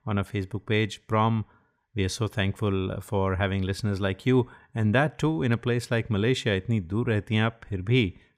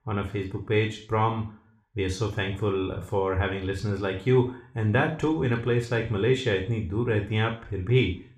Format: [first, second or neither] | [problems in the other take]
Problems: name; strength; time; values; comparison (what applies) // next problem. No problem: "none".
first | room echo; slight; dies away in 0.4 s // off-mic speech; somewhat distant